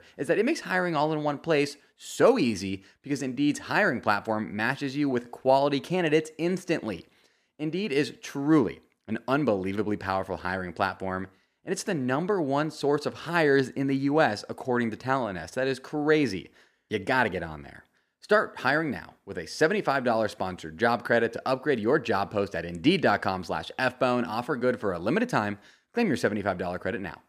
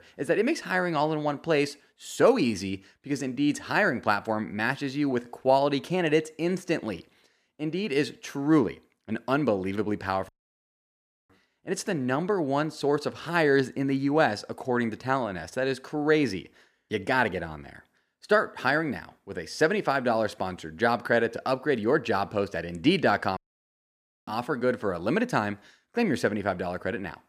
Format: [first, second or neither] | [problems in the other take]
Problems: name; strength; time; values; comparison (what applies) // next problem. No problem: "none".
first | audio cutting out; at 10 s for 1 s and at 23 s for 1 s